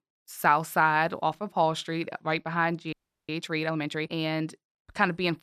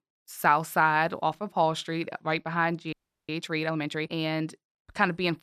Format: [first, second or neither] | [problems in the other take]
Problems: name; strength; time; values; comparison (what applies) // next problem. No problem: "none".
neither | audio freezing; at 3 s; the same in both